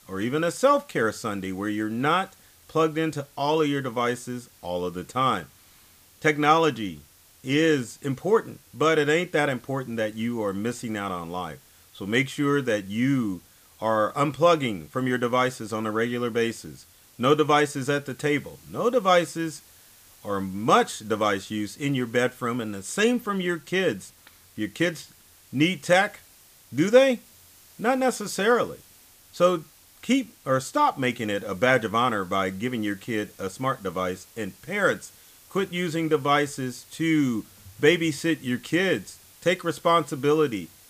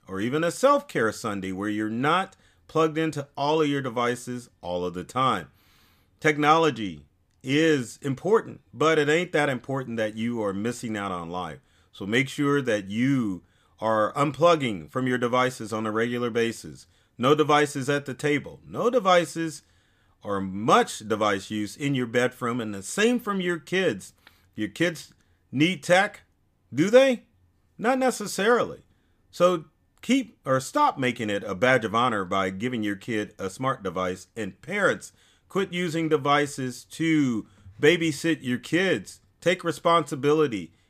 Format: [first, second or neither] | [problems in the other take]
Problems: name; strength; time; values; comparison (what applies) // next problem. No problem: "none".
second | hiss; faint; throughout; 25 dB below the speech